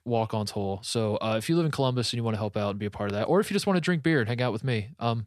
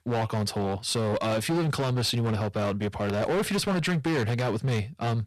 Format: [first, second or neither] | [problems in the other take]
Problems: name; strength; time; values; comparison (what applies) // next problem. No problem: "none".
first | distortion; heavy; 22% of the sound clipped